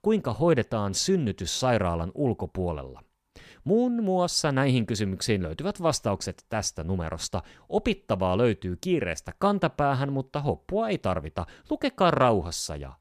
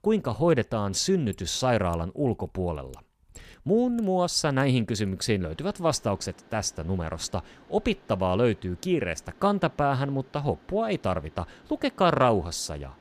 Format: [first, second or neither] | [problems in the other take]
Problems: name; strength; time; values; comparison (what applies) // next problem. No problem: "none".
first | machinery noise; faint; throughout; 30 dB below the speech